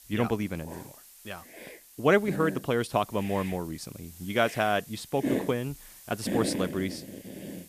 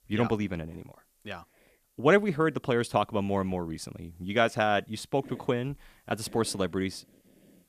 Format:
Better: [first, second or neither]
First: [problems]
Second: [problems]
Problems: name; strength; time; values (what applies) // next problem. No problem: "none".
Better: second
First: hiss; loud; throughout; 8 dB below the speech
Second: hiss; faint; throughout; 25 dB below the speech